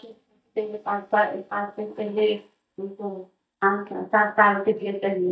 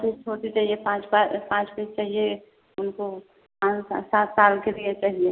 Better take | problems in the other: second | noise reduction (neural mask model DeepFilterNet 3)

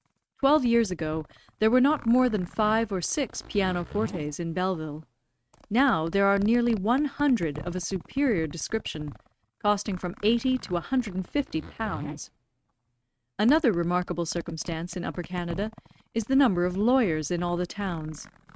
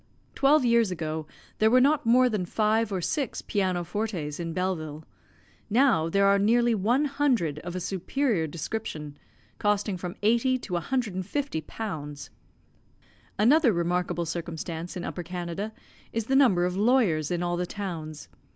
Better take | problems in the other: second | noise reduction (neural mask model RNNoise)

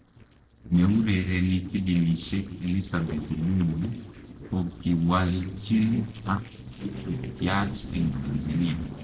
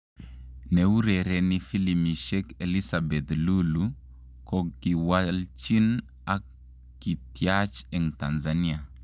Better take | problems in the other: second | noise reduction (neural separator model SepFormer DNS4)

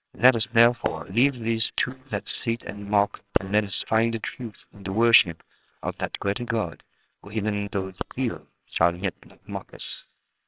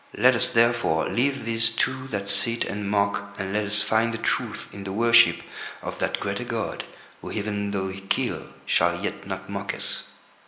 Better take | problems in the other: second | noise reduction (neural separator model SepFormer WHAMR!)

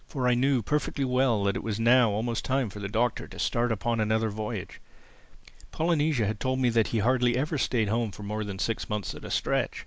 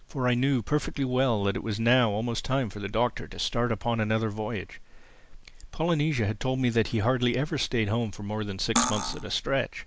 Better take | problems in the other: first | background sound (Cutlery, silverware); 1 dB below the speech

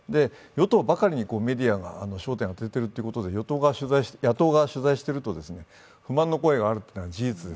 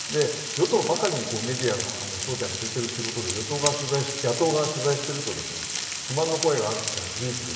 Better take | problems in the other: first | background sound (Frying (food)); 4 dB below the speech // room echo; dies away in 2.2 s

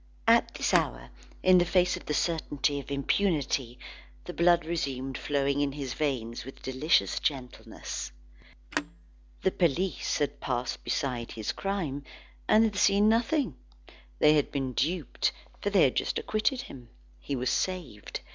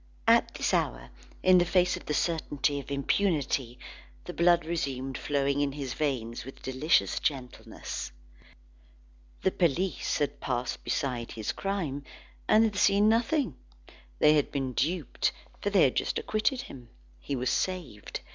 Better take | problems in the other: second | background sound (Telephone); 10 dB below the speech

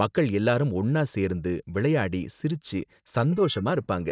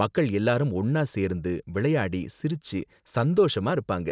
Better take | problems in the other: second | noise reduction (neural mask model DeepFilterNet 3)

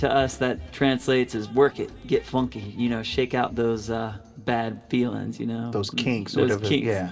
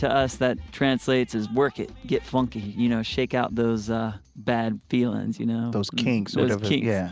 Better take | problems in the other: second | room echo; dies away in 2.1 s

